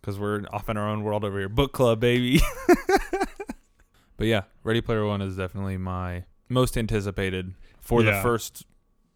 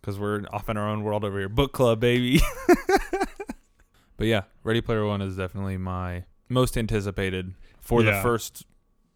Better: neither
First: none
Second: none

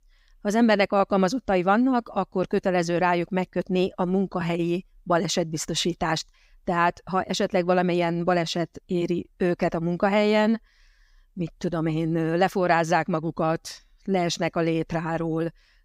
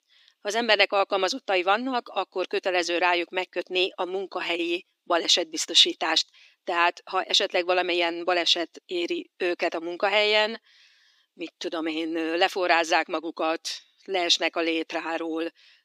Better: first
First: none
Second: thin; very; fading below 300 Hz

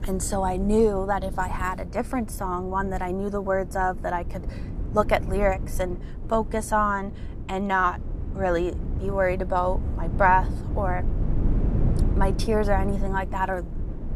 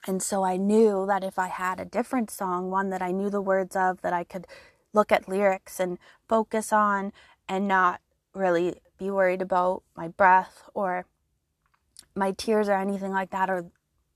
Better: second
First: low rumble; noticeable; throughout; 15 dB below the speech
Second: none

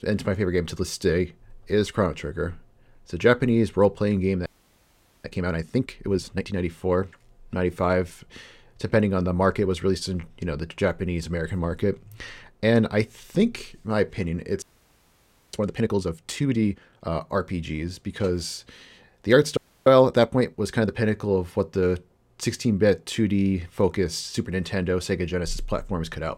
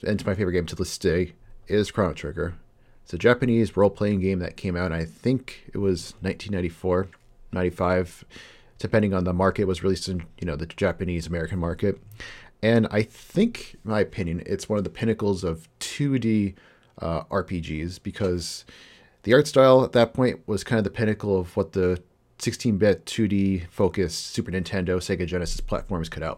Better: second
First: audio freezing; at 4.5 s for 1 s, at 15 s for 1 s and at 20 s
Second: none

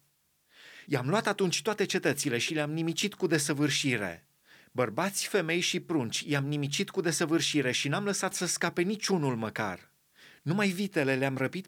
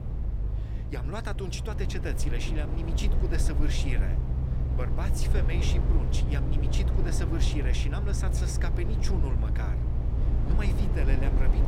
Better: first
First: none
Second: low rumble; loud; throughout; 3 dB below the speech

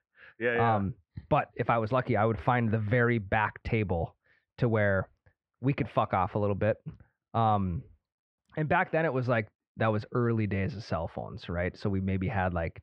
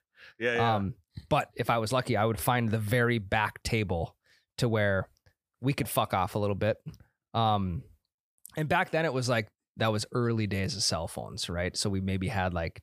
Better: second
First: muffled; very; fading above 2.5 kHz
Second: none

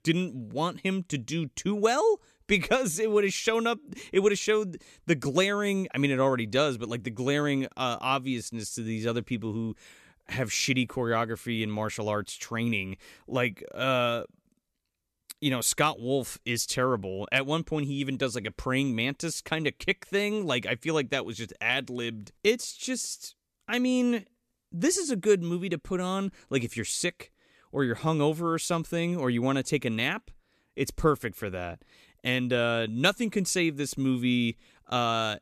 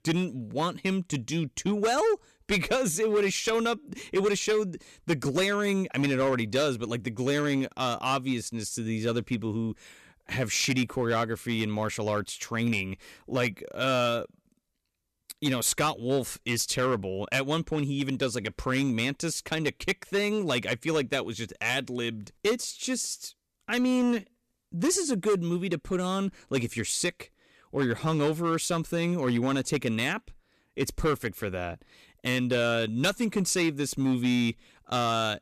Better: first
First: none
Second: distortion; slight; 5% of the sound clipped

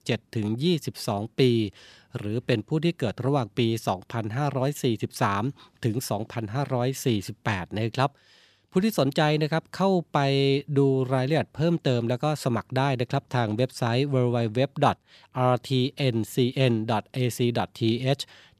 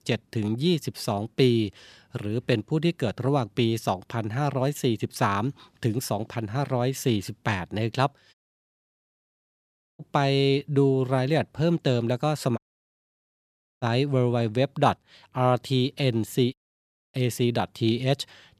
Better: first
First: none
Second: audio cutting out; at 8.5 s for 1.5 s, at 13 s for 1 s and at 17 s for 0.5 s

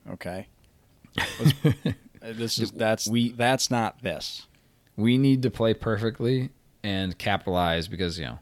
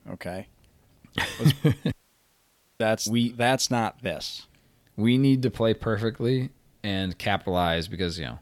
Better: first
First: none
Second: audio cutting out; at 2 s for 1 s

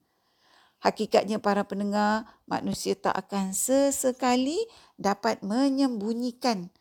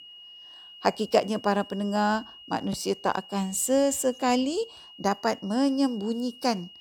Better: first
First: none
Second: high-pitched whine; noticeable; throughout; 3 kHz, 20 dB below the speech

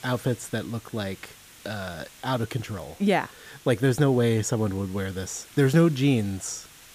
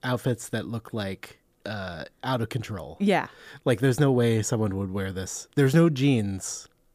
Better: second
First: hiss; faint; throughout; 20 dB below the speech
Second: none

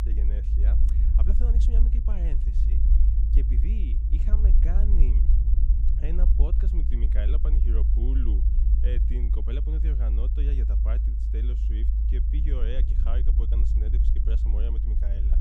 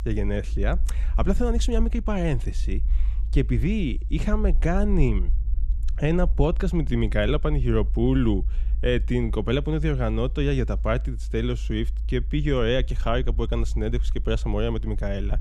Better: second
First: low rumble; loud; throughout; 1 dB below the speech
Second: low rumble; faint; throughout; 20 dB below the speech

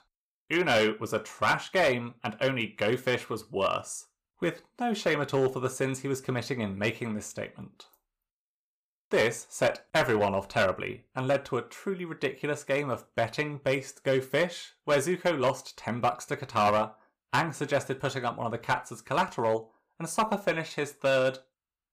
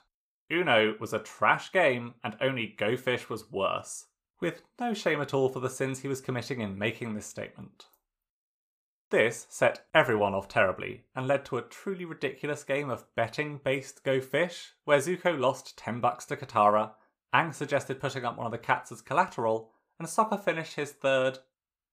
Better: second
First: distortion; slight; 3% of the sound clipped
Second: none

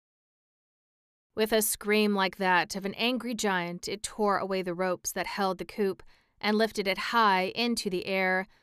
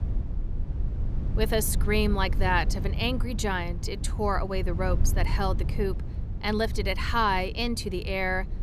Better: first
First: none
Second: low rumble; noticeable; throughout; 15 dB below the speech

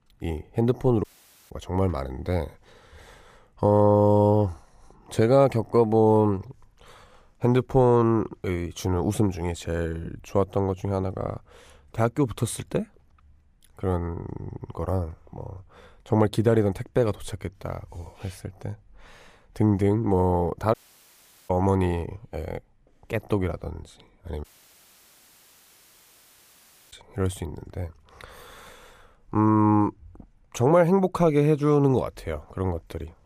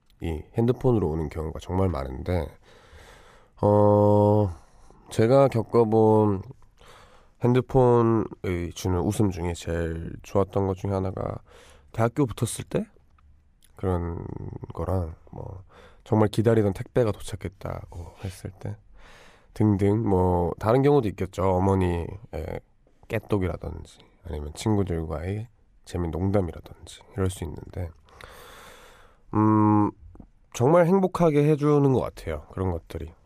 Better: second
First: audio cutting out; at 1 s, at 21 s for 1 s and at 24 s for 2.5 s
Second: none

